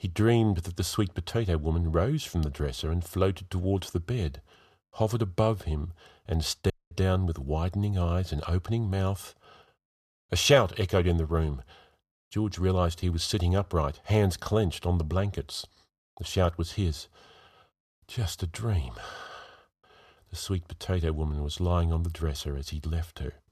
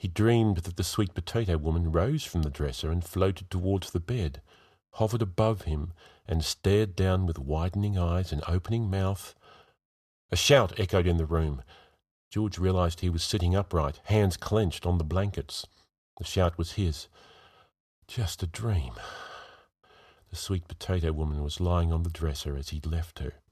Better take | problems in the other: second | audio cutting out; at 6.5 s

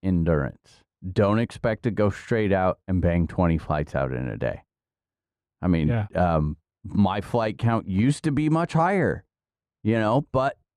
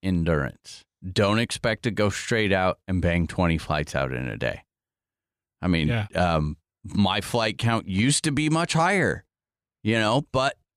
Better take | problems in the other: second | muffled; slightly; fading above 2 kHz

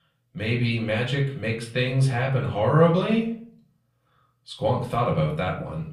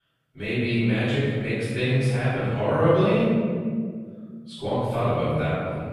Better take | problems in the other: first | room echo; strong; dies away in 2.2 s; slight in the first // off-mic speech; far; far in the first

